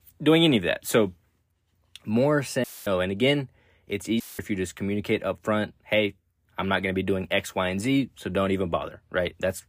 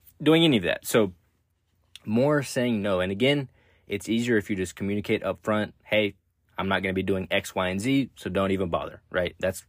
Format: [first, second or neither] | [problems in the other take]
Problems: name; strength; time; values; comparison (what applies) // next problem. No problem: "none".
second | audio cutting out; filled with static; at 2.5 s and at 4 s